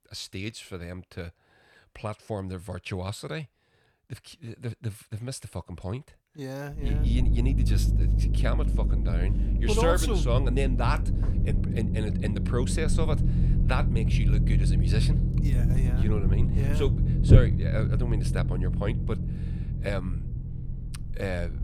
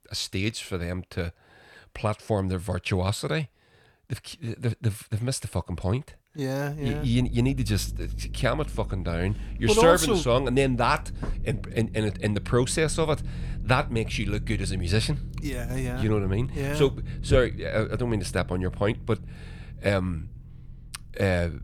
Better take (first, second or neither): second